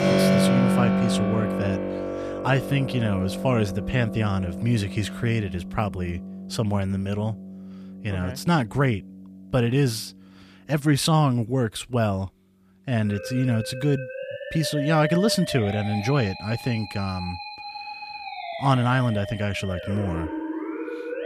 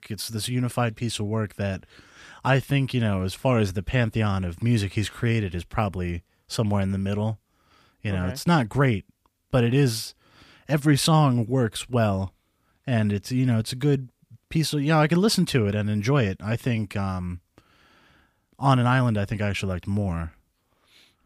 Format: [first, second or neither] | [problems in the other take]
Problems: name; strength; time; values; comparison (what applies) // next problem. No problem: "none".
second | background music; loud; throughout; 4 dB below the speech